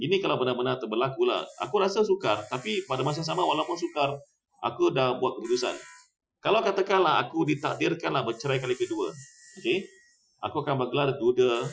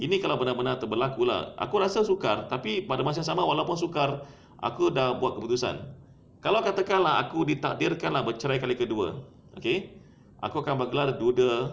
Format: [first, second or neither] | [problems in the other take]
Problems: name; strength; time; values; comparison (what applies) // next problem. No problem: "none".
second | noise reduction (classical method Wiener filter)